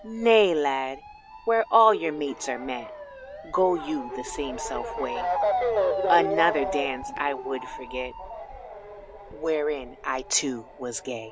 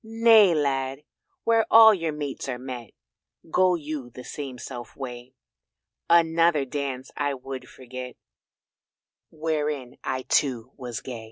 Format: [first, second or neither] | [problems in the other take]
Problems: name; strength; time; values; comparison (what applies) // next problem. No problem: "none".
second | background sound (Motor vehicle (road) / Siren); 5 dB below the speech